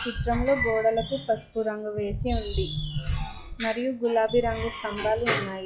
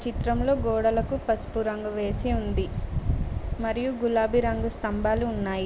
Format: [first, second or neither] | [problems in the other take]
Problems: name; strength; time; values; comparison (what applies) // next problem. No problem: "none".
second | noise reduction (classical method log-MMSE)